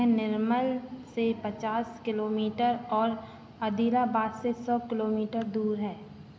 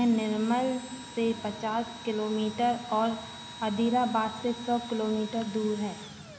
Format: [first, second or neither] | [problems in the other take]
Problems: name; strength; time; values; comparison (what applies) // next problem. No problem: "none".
first | background sound (Engine / Drill); 16 dB below the speech